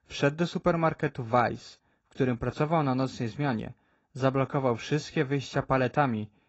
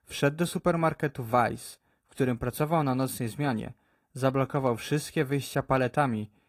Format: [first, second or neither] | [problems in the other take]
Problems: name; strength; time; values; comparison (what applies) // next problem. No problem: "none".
second | garbled, watery; badly; nothing above 7.5 kHz; slightly in the second